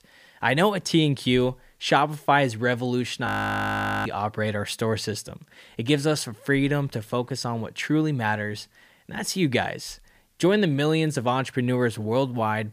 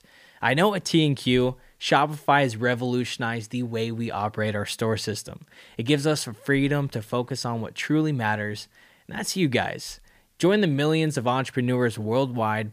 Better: second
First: audio freezing; at 3.5 s for 1 s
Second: none

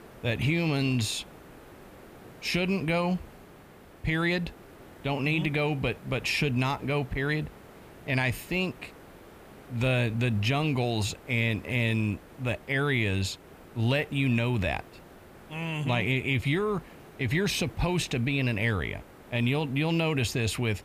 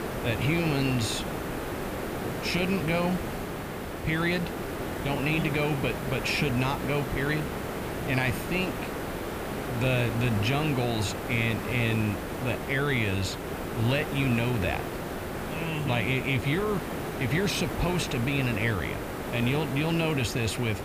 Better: first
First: hiss; faint; throughout; 20 dB below the speech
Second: hiss; loud; throughout; 5 dB below the speech

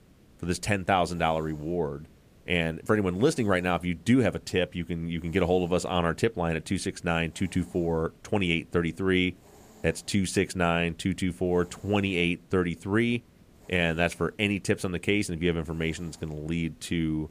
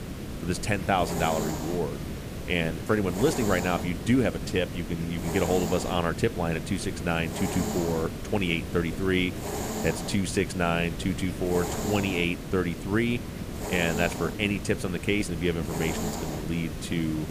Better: first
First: hiss; faint; throughout; 30 dB below the speech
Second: hiss; loud; throughout; 6 dB below the speech

